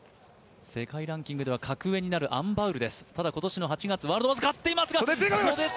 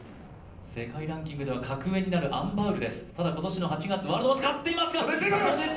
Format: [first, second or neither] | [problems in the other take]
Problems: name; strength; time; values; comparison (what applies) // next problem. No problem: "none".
first | background sound (Explosion); 19 dB below the speech // room echo; dies away in 0.6 s